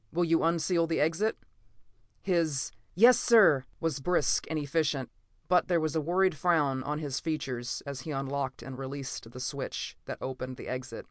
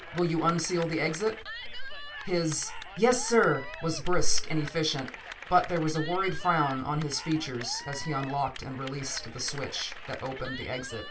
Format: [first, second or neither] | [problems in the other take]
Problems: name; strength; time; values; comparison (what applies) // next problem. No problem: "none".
first | background sound (Cheering / Clapping); 15 dB below the speech // room echo; dies away in 0.2 s